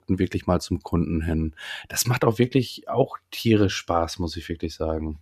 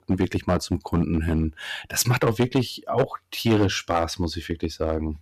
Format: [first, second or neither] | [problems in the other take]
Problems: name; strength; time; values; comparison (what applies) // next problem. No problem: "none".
first | distortion; slight; 3% of the sound clipped